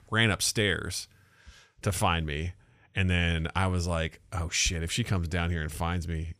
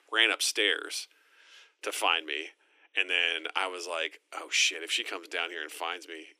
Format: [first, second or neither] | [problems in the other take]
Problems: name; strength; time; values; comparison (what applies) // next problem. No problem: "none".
first | thin; very; fading below 300 Hz